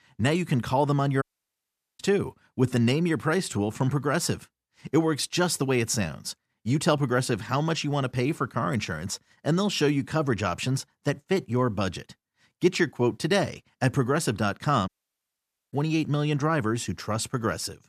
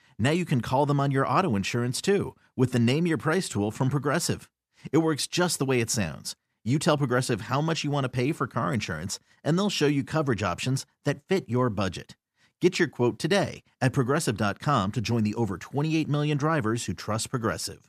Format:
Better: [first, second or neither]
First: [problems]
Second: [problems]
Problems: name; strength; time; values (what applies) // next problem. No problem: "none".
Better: second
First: audio cutting out; at 1 s for 1 s and at 15 s for 1 s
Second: none